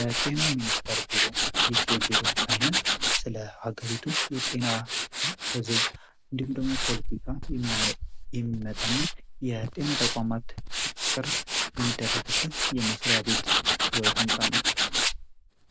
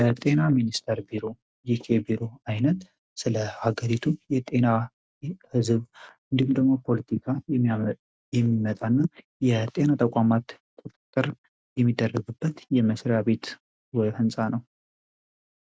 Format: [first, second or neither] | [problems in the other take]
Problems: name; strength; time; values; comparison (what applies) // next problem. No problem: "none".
second | background sound (Tools); 5 dB above the speech